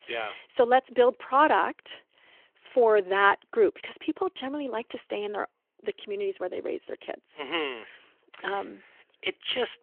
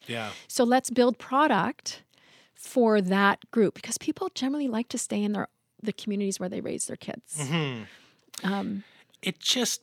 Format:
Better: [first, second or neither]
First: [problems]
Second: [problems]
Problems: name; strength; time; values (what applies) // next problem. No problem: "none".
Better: second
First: phone-call audio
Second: none